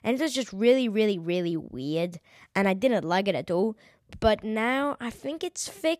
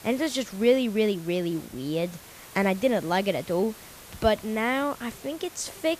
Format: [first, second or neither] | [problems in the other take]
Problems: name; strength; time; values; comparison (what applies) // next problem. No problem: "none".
first | hiss; noticeable; throughout; 20 dB below the speech